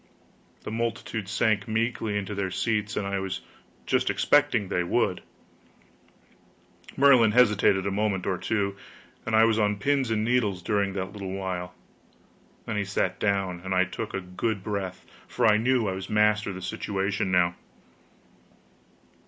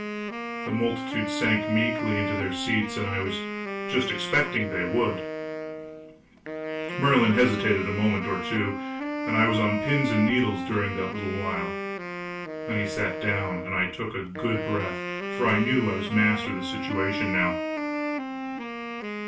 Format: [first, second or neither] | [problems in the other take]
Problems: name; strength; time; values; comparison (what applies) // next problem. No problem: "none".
first | background sound (Wind instrument, woodwind instrument); 4 dB below the speech // room echo; dies away in 0.2 s